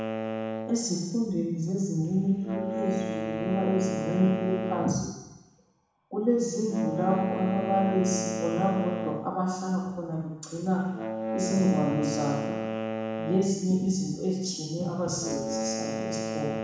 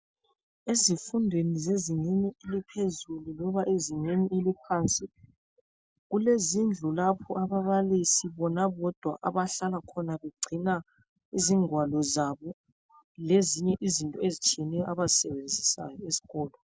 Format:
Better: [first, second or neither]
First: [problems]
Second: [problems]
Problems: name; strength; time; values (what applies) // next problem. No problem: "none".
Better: second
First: background sound (Wind instrument, woodwind instrument); 5 dB below the speech // room echo; dies away in 1.1 s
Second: none